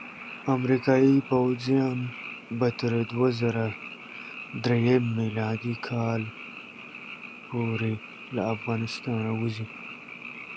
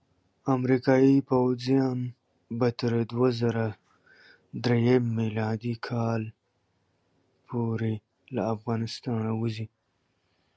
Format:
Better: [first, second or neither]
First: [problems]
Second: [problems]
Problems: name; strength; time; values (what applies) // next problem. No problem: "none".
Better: second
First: background sound (Frog); 14 dB below the speech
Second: none